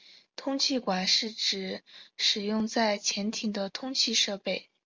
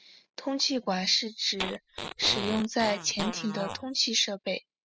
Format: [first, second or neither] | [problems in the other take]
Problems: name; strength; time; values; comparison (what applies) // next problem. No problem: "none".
first | noise reduction (classical method spectral subtraction)